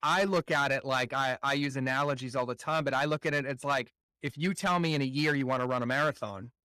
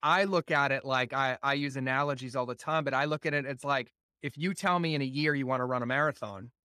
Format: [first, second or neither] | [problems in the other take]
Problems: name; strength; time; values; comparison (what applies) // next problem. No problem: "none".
second | distortion; slight; 5% of the sound clipped